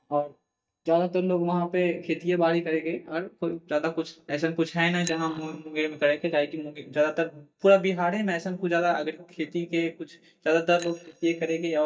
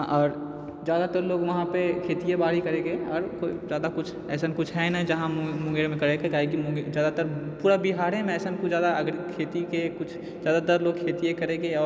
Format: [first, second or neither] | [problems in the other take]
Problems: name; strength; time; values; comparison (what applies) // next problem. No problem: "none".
second | noise reduction (neural mask model DeepFilterNet 3)